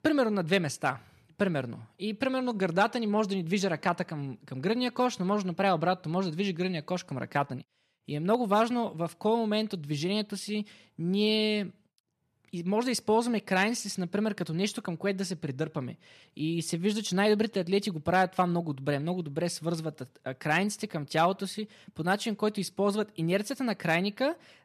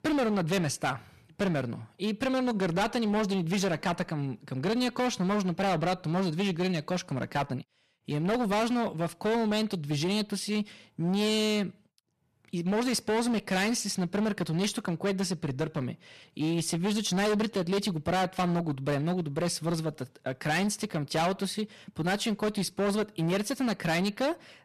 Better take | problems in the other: first | distortion; heavy; 18% of the sound clipped

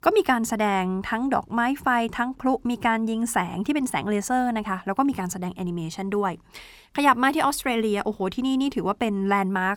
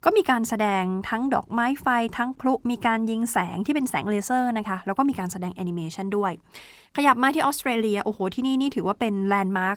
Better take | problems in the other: first | garbled, watery; slightly; nothing above 19 kHz

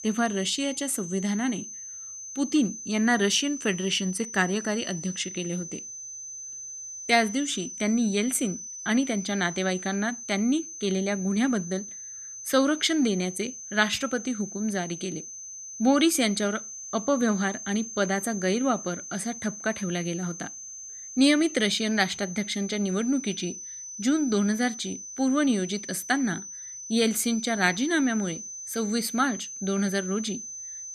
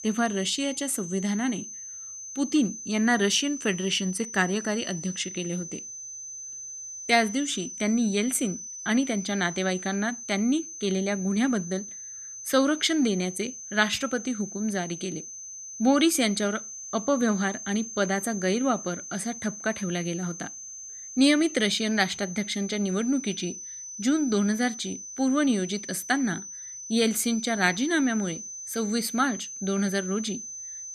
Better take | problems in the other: neither | high-pitched whine; loud; throughout; 6 kHz, 10 dB below the speech; the same in both

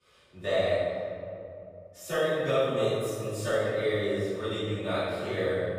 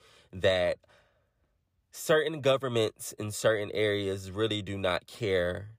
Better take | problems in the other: second | off-mic speech; far // room echo; strong; dies away in 2.3 s

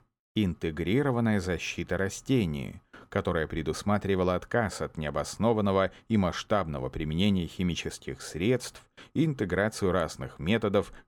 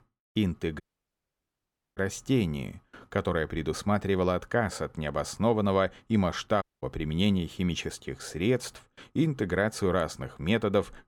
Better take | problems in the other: first | audio cutting out; at 1 s for 1 s and at 6.5 s

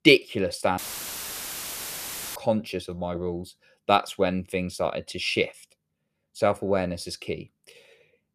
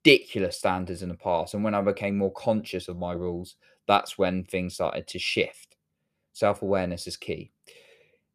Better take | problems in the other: second | audio cutting out; filled with static; at 1 s for 1.5 s

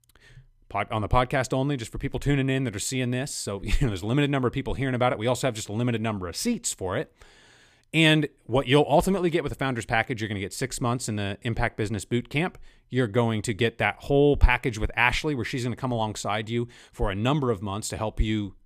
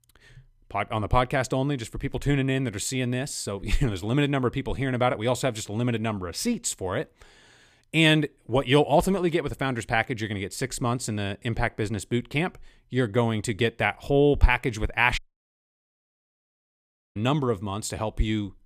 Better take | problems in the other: first | audio cutting out; at 15 s for 2 s

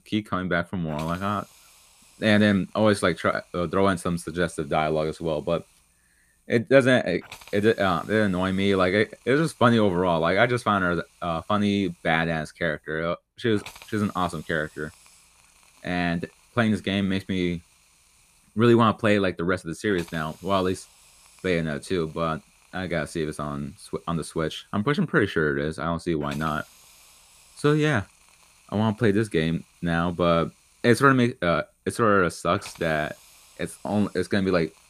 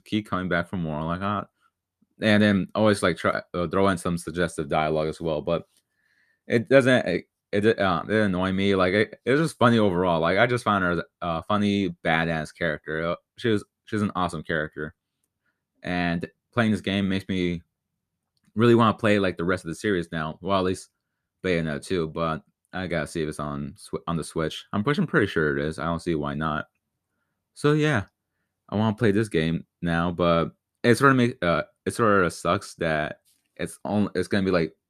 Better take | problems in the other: second | hiss; faint; throughout; 25 dB below the speech

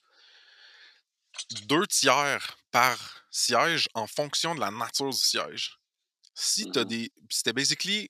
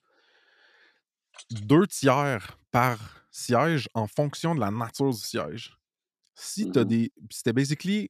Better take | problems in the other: second | thin; somewhat; fading below 1 kHz

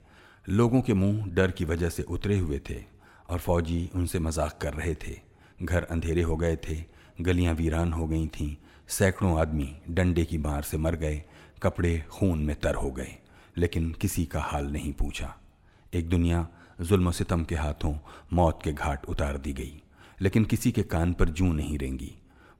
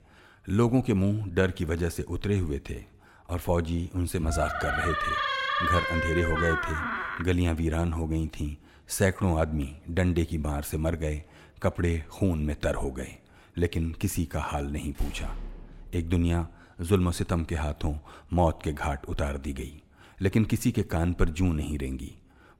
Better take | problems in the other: first | door banging; loud; from 4 to 7 s; peak 3 dB above the speech // door banging; faint; from 15 to 17 s; peak 10 dB below the speech

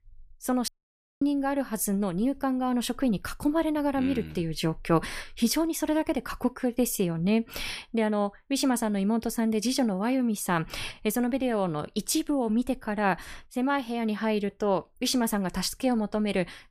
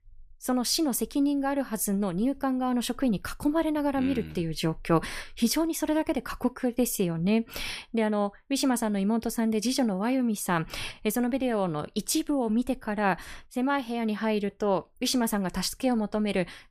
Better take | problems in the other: second | audio cutting out; at 0.5 s for 0.5 s

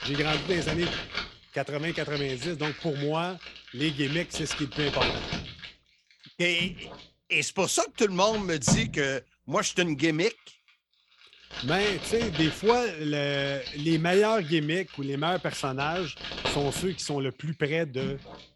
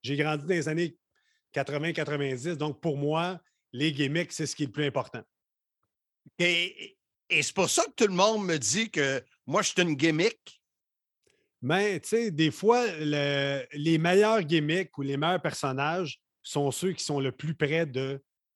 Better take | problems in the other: second | household noises; loud; throughout; 6 dB below the speech

